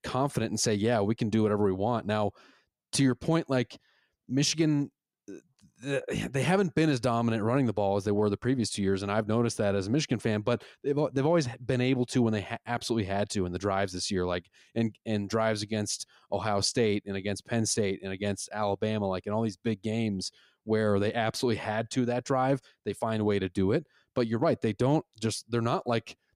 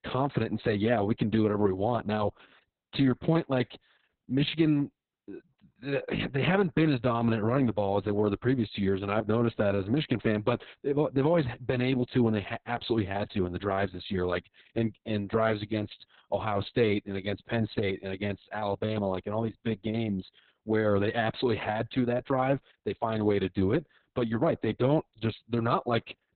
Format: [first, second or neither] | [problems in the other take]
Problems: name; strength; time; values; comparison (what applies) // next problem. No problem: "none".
first | garbled, watery; badly; nothing above 4 kHz